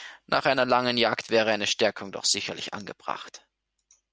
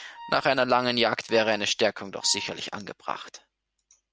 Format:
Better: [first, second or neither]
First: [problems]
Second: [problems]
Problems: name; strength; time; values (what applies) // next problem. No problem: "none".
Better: first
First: none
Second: background sound (Wind instrument, woodwind instrument); 19 dB below the speech